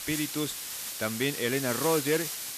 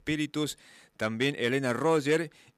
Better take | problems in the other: second | hiss; loud; throughout; 3 dB below the speech

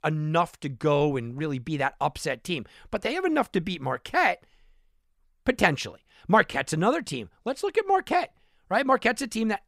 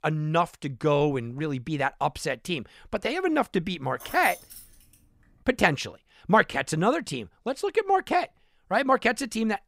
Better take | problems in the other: first | jangling keys; faint; at 4 s; peak 10 dB below the speech

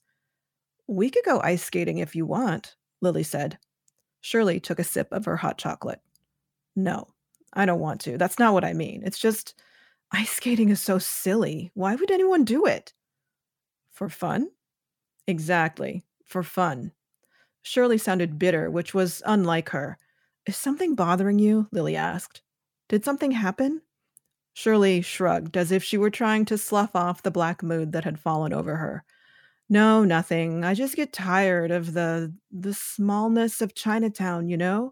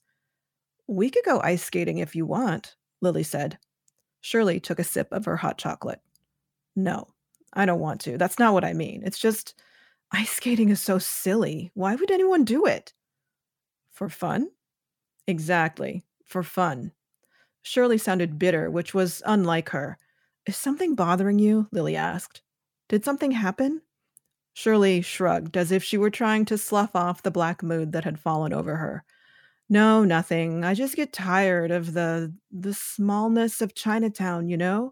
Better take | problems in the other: neither | none

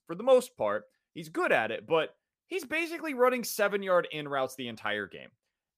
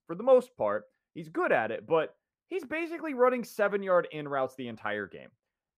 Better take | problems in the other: first | muffled; slightly; fading above 2.5 kHz

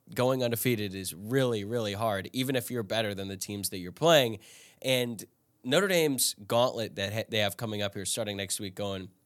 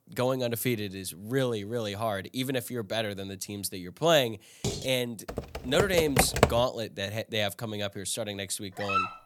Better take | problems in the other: first | clattering dishes; noticeable; at 4.5 s; peak 4 dB below the speech // keyboard typing; loud; from 5.5 to 6.5 s; peak 5 dB above the speech // dog barking; loud; at 9 s; peak 1 dB above the speech

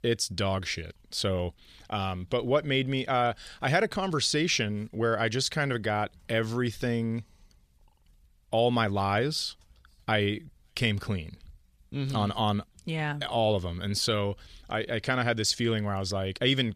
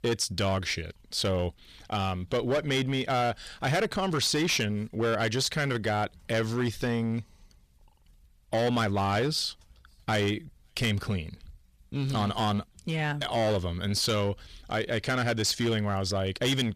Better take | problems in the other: first | distortion; slight; 10% of the sound clipped

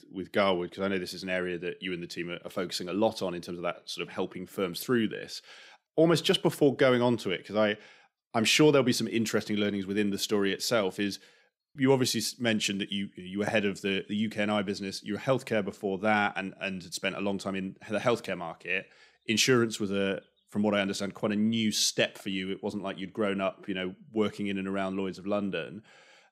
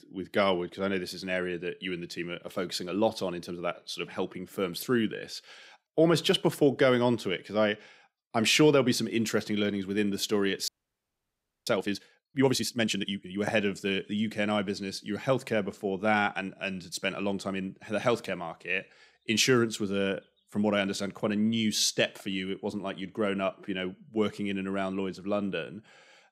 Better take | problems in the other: first | audio freezing; at 11 s for 1 s

